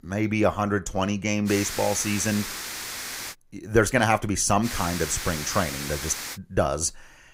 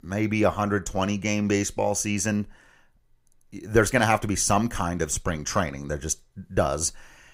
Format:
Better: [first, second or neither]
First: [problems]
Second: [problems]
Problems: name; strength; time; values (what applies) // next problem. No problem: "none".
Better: second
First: hiss; loud; from 1.5 to 3.5 s and from 4.5 to 6.5 s; 7 dB below the speech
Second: none